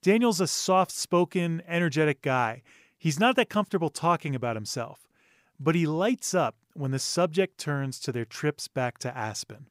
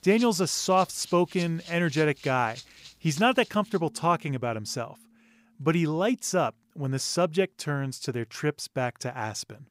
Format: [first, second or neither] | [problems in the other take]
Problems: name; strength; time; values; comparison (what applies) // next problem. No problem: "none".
first | background music; noticeable; throughout; 20 dB below the speech